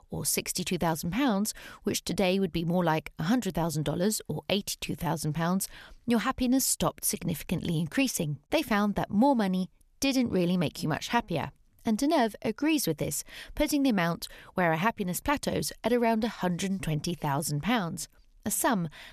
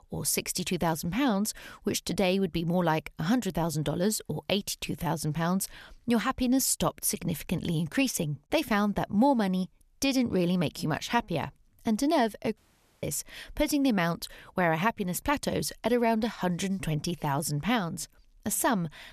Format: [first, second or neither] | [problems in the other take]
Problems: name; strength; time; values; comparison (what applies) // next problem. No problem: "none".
first | audio cutting out; at 13 s